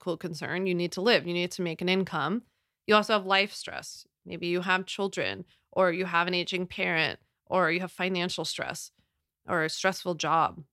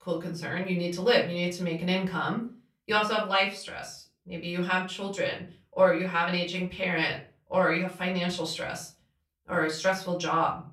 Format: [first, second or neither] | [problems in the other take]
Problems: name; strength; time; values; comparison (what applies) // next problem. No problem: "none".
first | room echo; slight; dies away in 0.3 s // off-mic speech; far